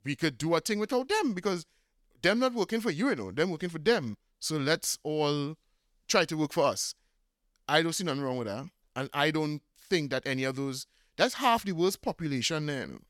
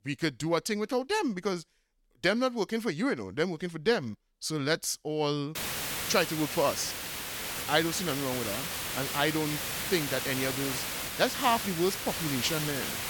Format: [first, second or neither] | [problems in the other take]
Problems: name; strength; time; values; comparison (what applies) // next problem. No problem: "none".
first | hiss; loud; from 5.5 s on; 3 dB below the speech